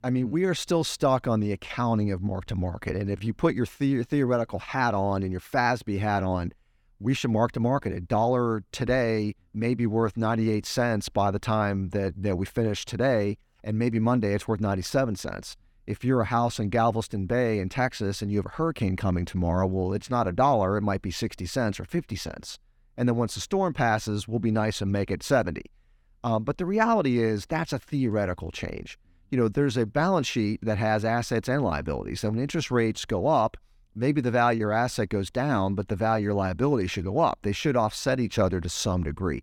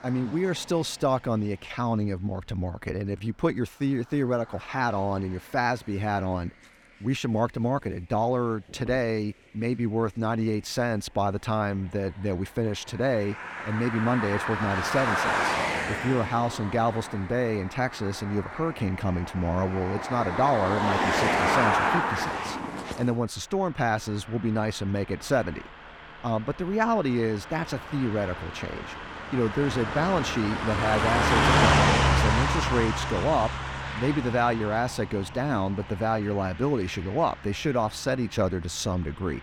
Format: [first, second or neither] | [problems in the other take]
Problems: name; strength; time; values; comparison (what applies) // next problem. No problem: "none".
first | traffic noise; very loud; throughout; as loud as the speech